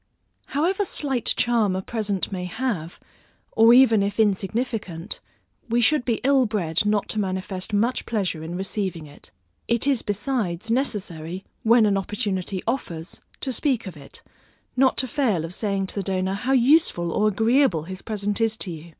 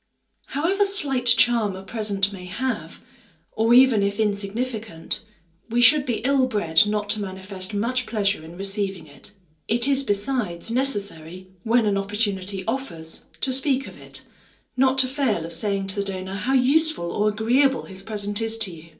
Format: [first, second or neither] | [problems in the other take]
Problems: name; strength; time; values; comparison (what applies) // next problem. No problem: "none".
first | room echo; dies away in 0.3 s